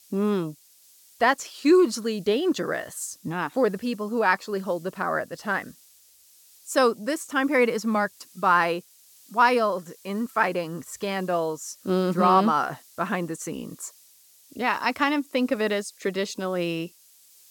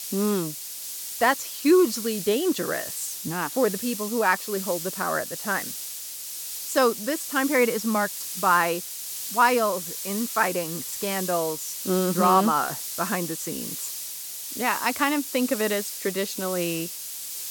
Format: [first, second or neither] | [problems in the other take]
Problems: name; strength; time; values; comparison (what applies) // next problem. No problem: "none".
first | hiss; loud; throughout; 6 dB below the speech; faint in the first